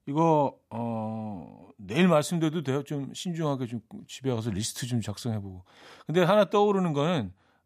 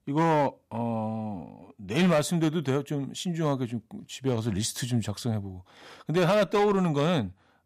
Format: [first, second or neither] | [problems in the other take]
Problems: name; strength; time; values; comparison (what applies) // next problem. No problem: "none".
first | distortion; slight; 6% of the sound clipped